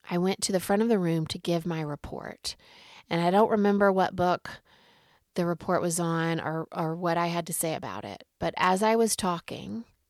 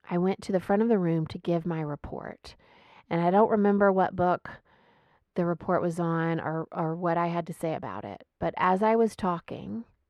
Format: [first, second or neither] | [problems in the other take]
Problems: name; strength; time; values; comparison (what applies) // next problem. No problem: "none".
first | muffled; very; fading above 3.5 kHz